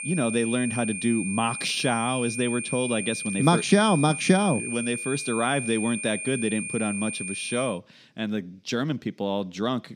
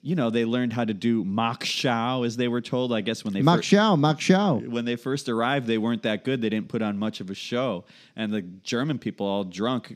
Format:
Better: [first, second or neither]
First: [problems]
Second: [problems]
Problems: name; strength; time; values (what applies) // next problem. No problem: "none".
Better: second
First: high-pitched whine; loud; until 7.5 s; 2.5 kHz, 5 dB below the speech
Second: none